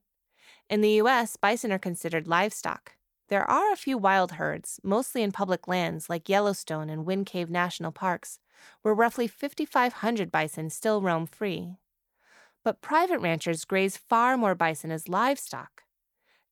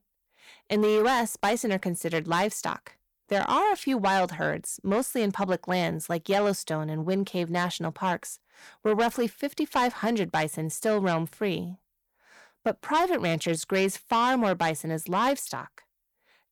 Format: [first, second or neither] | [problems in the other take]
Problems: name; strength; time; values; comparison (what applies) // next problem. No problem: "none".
first | distortion; slight; 10 dB below the speech